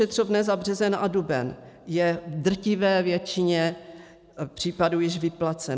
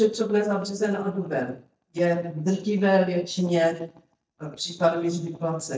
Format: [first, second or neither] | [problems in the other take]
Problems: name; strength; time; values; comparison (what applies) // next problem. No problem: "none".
first | noise reduction (neural mask model DeepFilterNet 3)